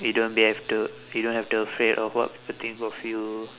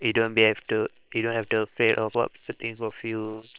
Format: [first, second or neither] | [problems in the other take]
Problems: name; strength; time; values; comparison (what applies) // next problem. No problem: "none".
first | noise reduction (neural separator model SepFormer WHAM!)